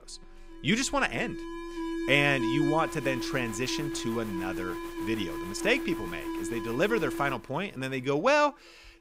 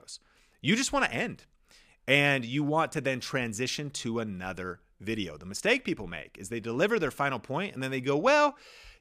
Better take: second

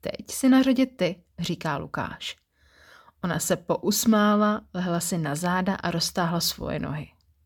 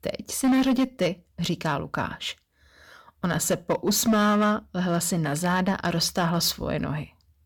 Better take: first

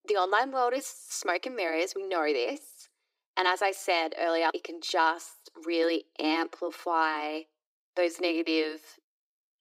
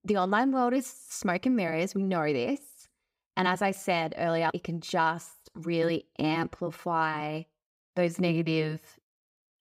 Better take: second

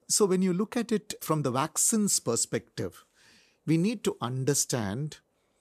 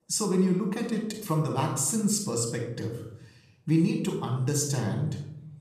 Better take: first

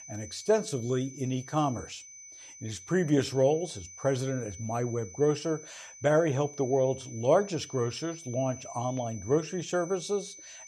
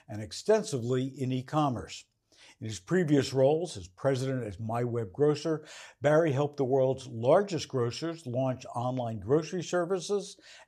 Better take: second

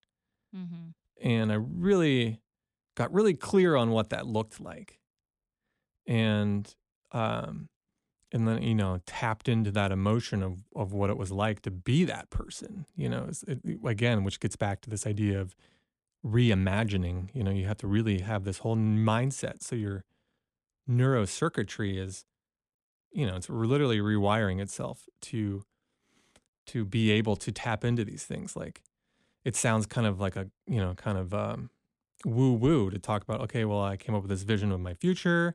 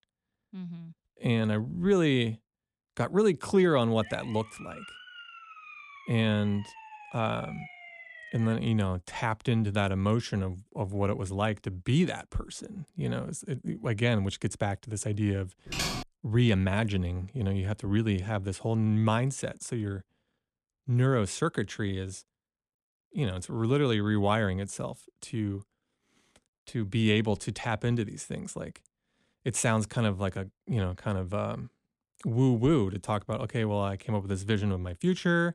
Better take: first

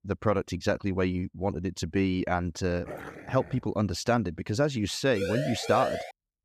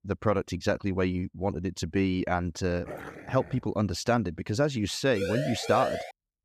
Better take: neither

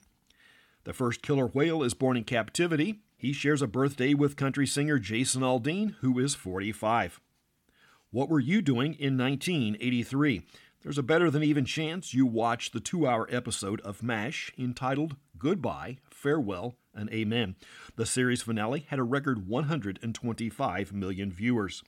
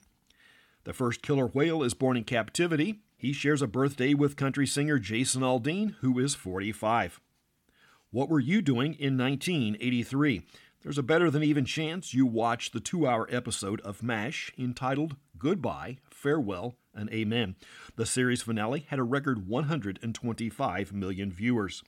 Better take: neither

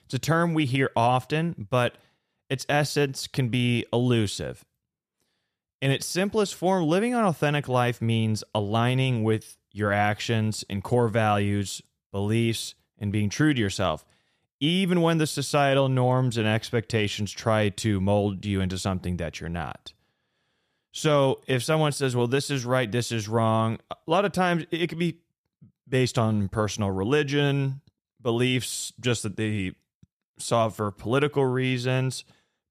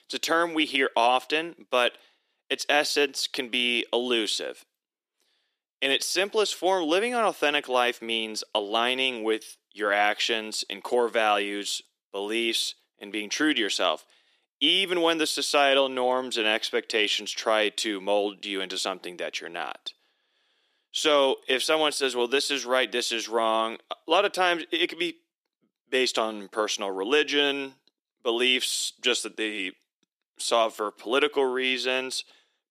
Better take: first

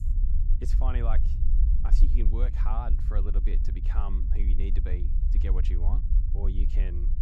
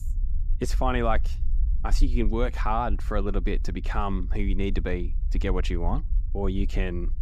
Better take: second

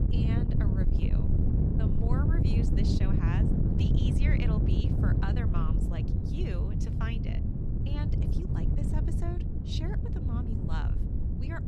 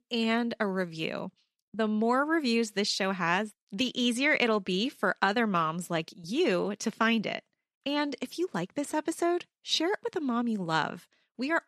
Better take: second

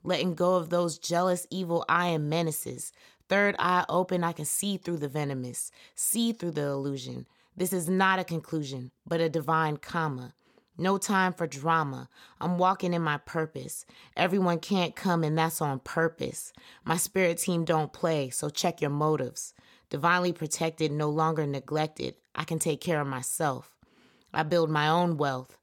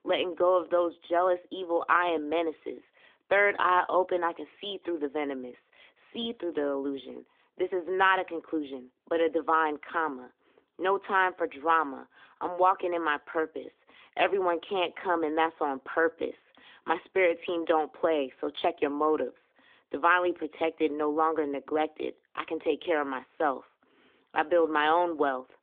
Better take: first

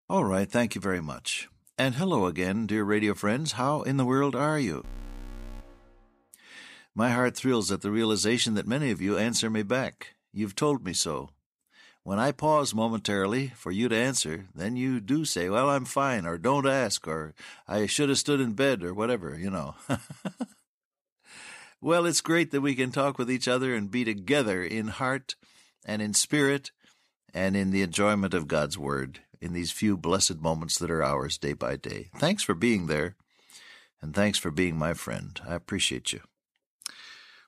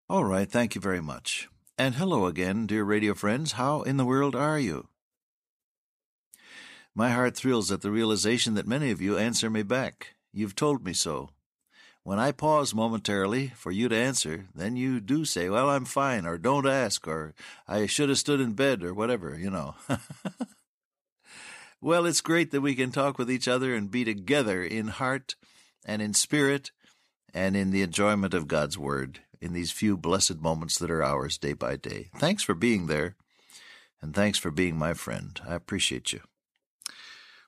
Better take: second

